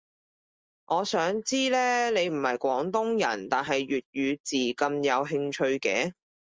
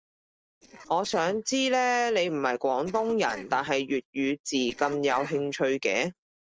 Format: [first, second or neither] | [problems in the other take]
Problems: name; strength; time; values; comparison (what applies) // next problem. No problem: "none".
first | noise reduction (neural separator model SepFormer DNS4)